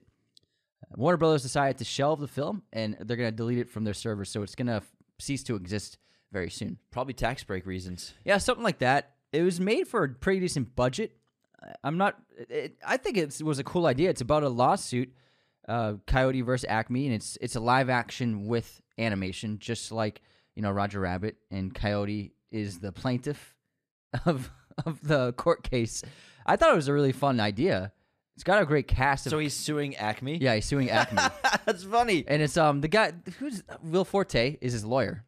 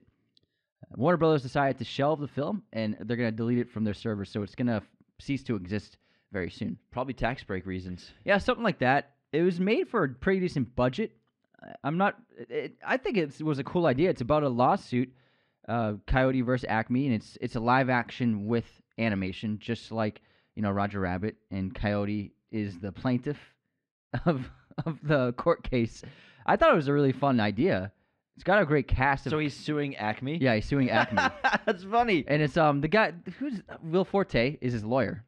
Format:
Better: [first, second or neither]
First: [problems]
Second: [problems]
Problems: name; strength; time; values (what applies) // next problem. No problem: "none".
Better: first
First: none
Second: muffled; slightly; fading above 3 kHz